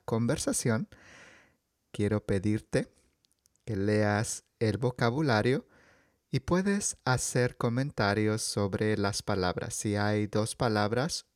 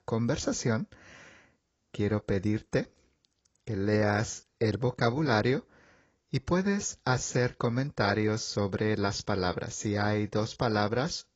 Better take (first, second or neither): first